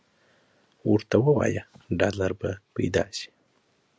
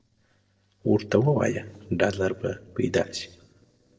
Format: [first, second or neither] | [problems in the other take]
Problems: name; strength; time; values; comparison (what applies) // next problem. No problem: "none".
first | noise reduction (neural separator model SepFormer DNS4)